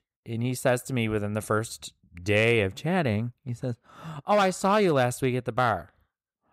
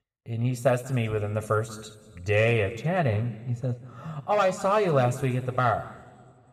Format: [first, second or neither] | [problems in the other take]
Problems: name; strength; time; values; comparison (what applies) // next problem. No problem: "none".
first | room echo; slight; dies away in 2 s